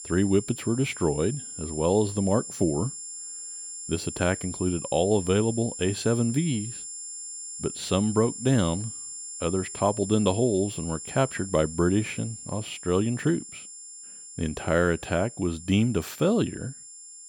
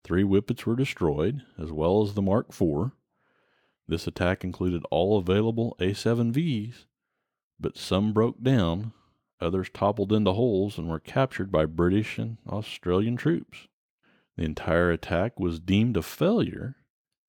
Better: second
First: high-pitched whine; loud; throughout; 7.5 kHz, 10 dB below the speech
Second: none

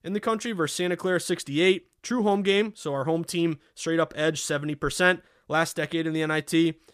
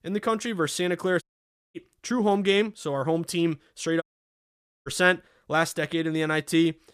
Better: first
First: none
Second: audio cutting out; at 1 s for 0.5 s and at 4 s for 1 s

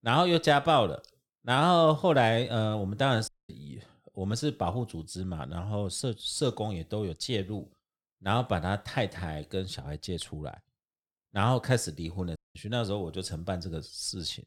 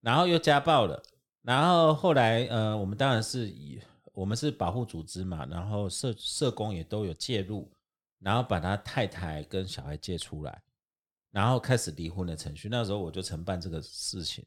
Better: second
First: audio cutting out; at 3.5 s and at 12 s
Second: none

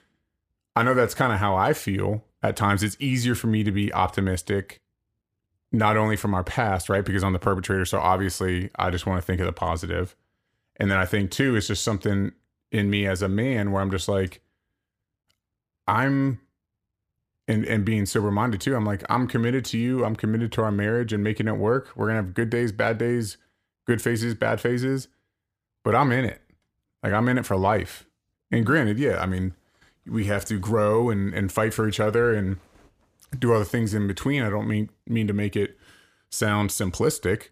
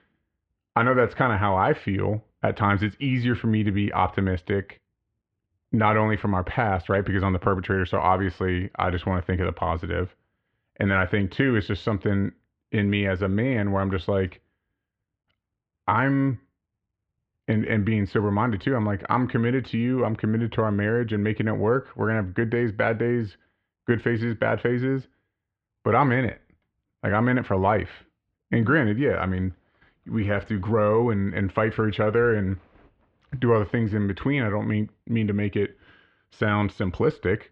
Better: first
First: none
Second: muffled; very; fading above 3 kHz

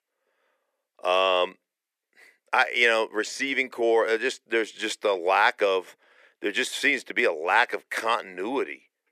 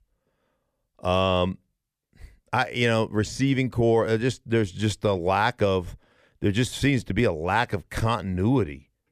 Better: second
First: thin; very; fading below 350 Hz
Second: none

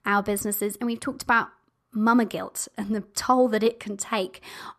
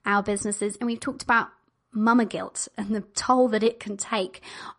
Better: first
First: none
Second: garbled, watery; slightly; nothing above 10 kHz

